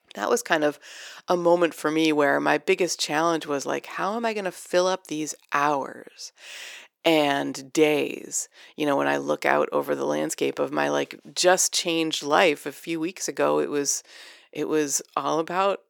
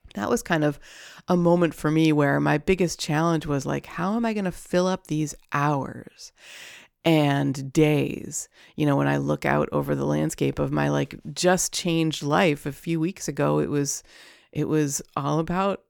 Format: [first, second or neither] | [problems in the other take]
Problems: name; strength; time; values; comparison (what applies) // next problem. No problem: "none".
second | thin; somewhat; fading below 450 Hz